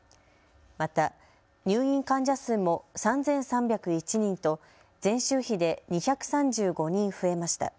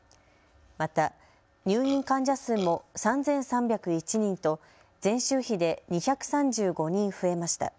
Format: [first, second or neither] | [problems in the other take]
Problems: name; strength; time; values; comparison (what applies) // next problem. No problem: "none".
first | background sound (Burping, eructation); 15 dB below the speech